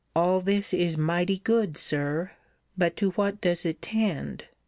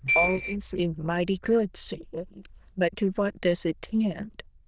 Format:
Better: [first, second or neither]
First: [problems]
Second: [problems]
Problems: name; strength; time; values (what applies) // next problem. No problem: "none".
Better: first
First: none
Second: noise reduction (neural diffusion model UNIVERSE++)